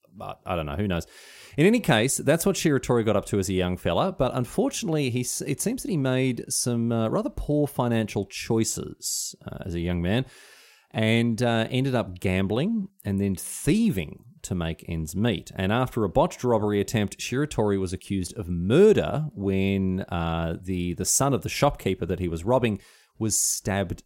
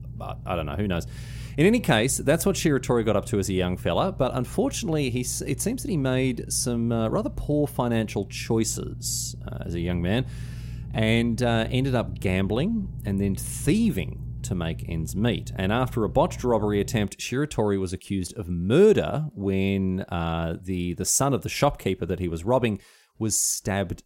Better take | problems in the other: first | low rumble; faint; until 17 s; 25 dB below the speech

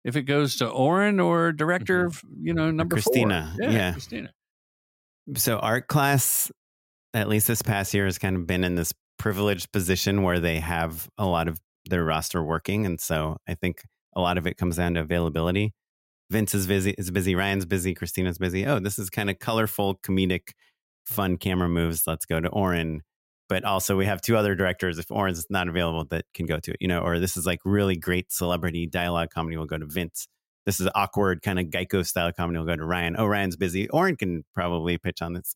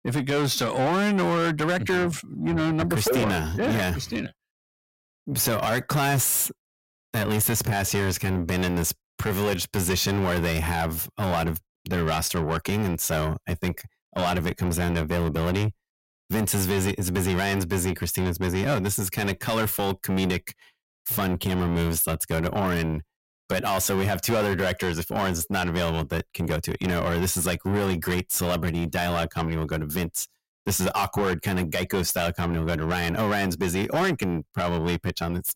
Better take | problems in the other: first | distortion; heavy; 6 dB below the speech

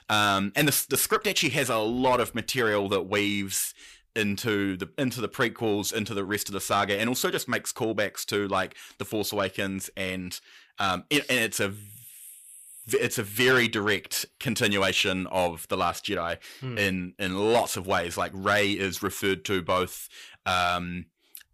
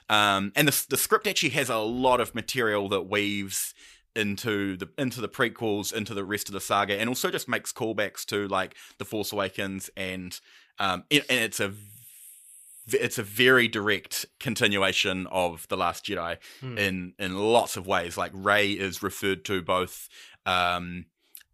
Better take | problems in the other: second | distortion; slight; 10 dB below the speech

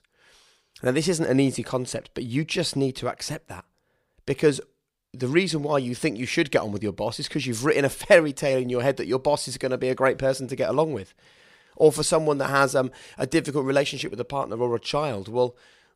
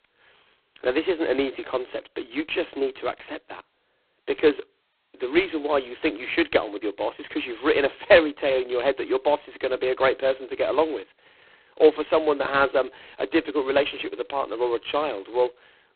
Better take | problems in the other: first | phone-call audio; poor line; nothing above 4 kHz

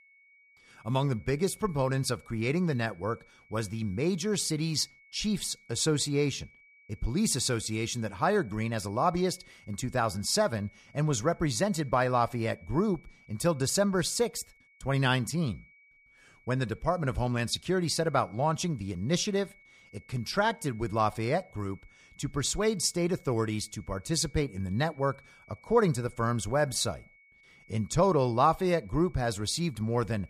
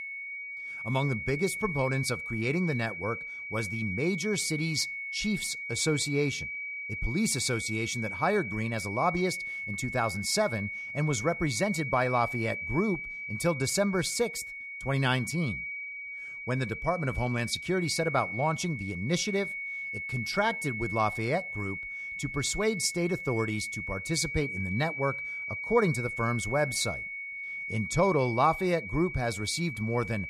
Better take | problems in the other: first | high-pitched whine; loud; throughout; 2 kHz, 5 dB below the speech; faint in the first

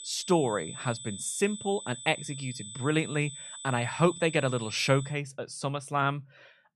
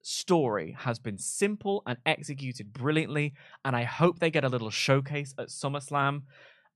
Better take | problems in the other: second | high-pitched whine; noticeable; until 5 s; 8 kHz, 10 dB below the speech

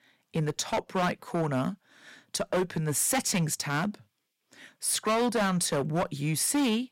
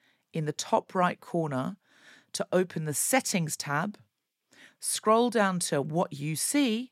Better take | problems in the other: second | distortion; heavy; 11% of the sound clipped

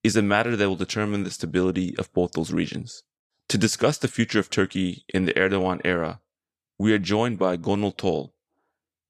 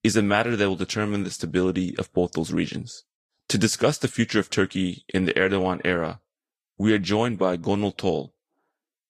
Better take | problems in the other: first | garbled, watery; slightly; nothing above 14.5 kHz

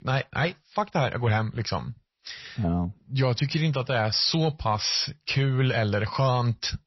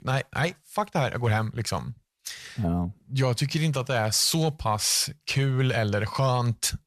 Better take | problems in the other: second | garbled, watery; slightly; nothing above 5.5 kHz

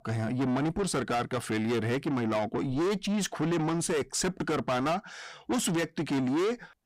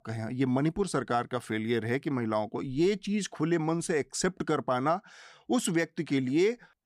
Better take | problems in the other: second | distortion; heavy; 7 dB below the speech

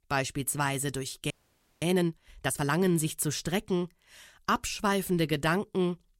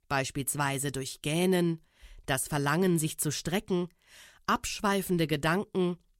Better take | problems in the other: second | audio freezing; at 1.5 s for 0.5 s

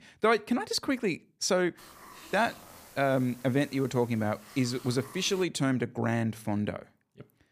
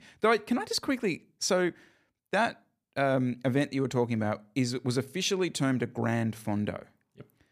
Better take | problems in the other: second | hiss; faint; from 2 to 5.5 s; 20 dB below the speech

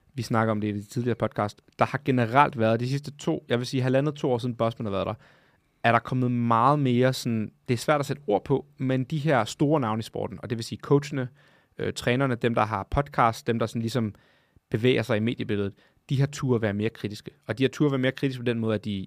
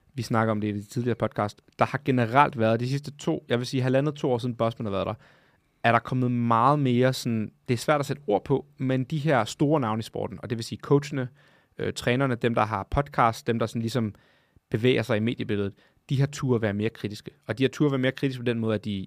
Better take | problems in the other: neither | none

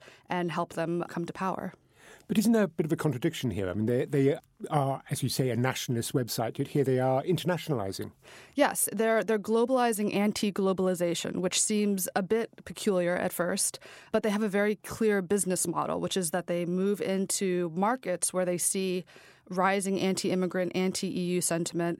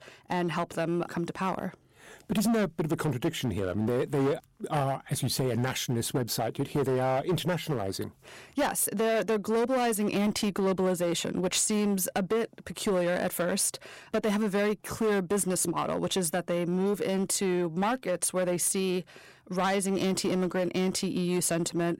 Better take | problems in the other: first | distortion; slight; 13% of the sound clipped

